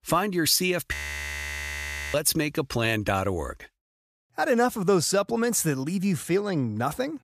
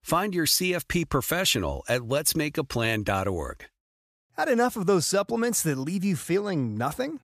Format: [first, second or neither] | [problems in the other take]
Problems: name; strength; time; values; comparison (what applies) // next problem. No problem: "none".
second | audio freezing; at 1 s for 1 s